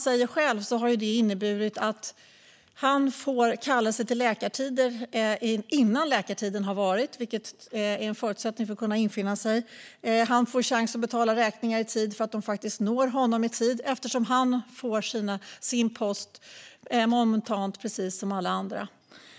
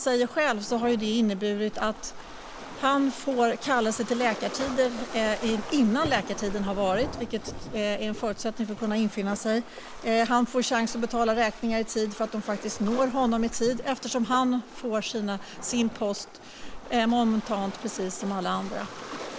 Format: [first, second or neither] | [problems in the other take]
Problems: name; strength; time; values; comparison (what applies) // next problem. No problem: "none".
first | background sound (Waves, surf); 12 dB below the speech